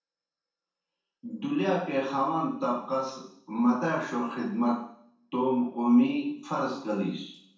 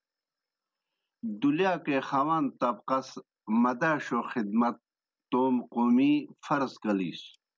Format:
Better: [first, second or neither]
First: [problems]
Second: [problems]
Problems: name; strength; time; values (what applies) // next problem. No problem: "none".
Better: second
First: room echo; dies away in 0.7 s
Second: none